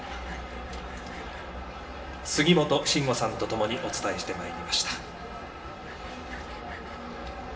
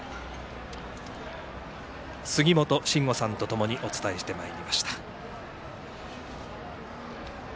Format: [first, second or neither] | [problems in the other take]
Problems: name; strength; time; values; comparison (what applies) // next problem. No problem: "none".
second | background sound (Sawing); 20 dB below the speech // room echo; dies away in 0.7 s